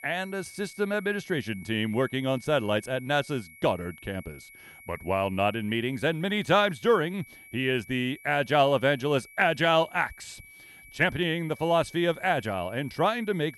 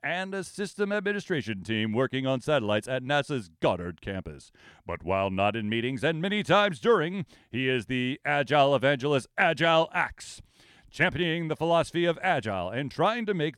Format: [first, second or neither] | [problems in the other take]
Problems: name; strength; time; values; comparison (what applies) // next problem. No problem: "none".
second | high-pitched whine; faint; throughout; 2 kHz, 20 dB below the speech